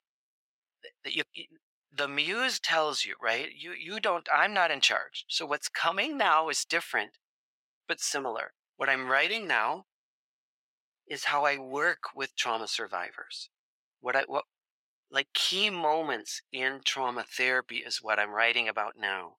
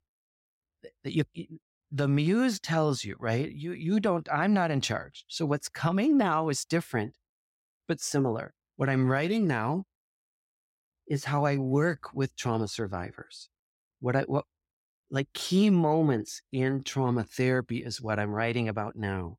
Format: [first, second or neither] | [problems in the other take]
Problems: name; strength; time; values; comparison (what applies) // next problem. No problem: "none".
second | thin; very; fading below 700 Hz